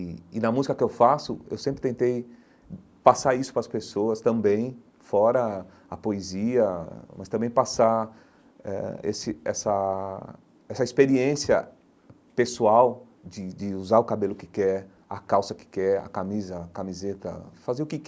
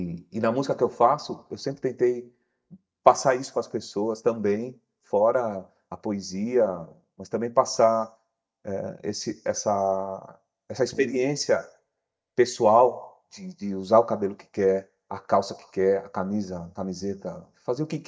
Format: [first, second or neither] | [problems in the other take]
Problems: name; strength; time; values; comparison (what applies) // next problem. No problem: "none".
first | noise reduction (neural mask model DeepFilterNet 3)